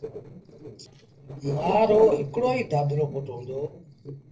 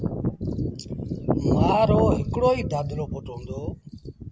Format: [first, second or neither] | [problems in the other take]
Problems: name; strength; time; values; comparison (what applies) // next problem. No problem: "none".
second | noise reduction (neural separator model SepFormer DNS4)